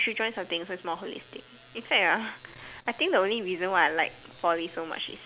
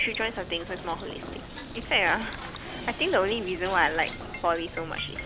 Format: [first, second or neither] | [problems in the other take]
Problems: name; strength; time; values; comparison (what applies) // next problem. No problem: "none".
first | background sound (Knock); 10 dB below the speech